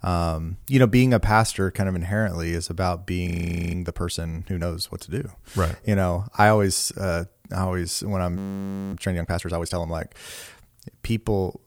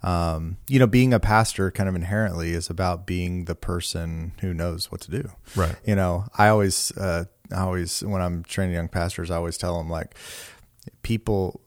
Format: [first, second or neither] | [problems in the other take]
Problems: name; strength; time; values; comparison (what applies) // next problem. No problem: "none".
second | audio freezing; at 3.5 s and at 8.5 s for 0.5 s